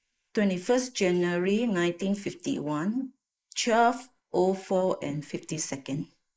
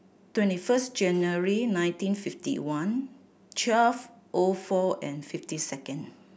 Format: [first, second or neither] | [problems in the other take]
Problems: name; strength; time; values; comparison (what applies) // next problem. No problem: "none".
second | noise reduction (neural mask model Resemble Enhance denoiser)